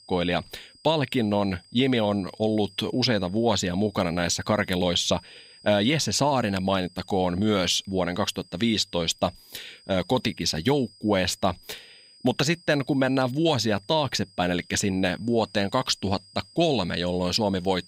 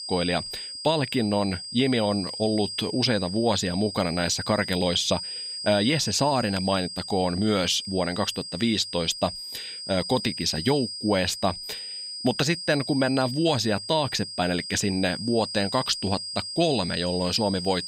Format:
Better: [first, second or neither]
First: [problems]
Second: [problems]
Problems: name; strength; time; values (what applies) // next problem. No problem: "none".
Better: first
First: high-pitched whine; faint; throughout; 5 kHz, 25 dB below the speech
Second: high-pitched whine; loud; throughout; 5 kHz, 8 dB below the speech